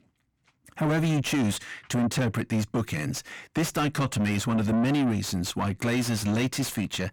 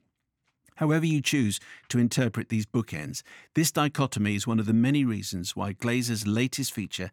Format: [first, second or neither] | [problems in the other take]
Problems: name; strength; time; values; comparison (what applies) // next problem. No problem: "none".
second | distortion; heavy; 7 dB below the speech